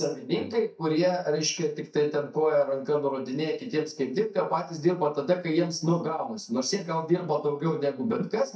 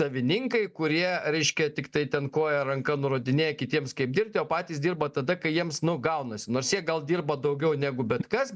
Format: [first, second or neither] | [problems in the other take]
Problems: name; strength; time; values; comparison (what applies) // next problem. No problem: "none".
second | noise reduction (neural mask model DeepFilterNet 3)